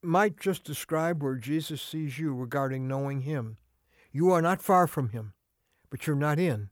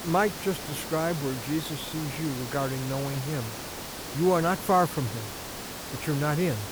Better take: first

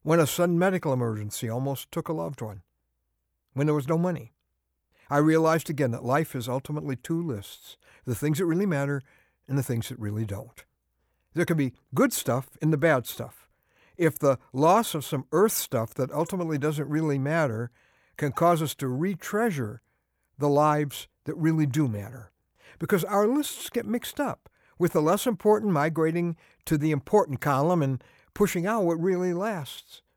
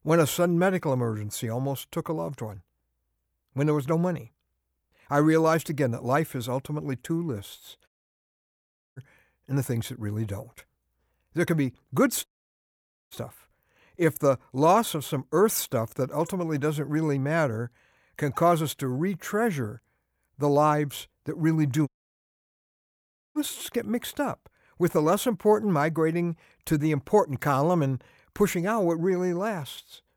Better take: first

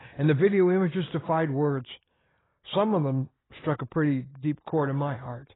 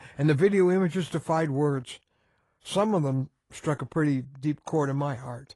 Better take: second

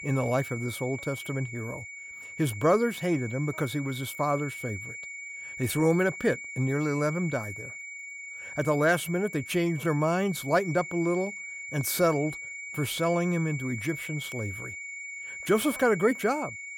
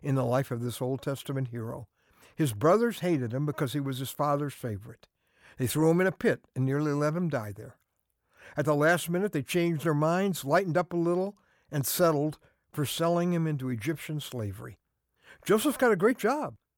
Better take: second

